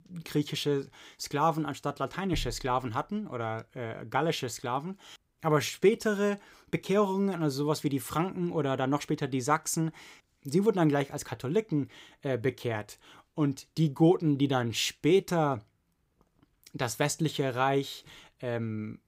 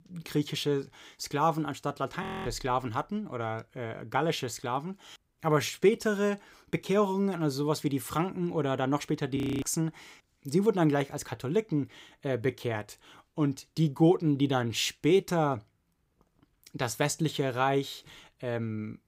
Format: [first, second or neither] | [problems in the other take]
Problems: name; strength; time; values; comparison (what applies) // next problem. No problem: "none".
first | audio freezing; at 2 s and at 9.5 s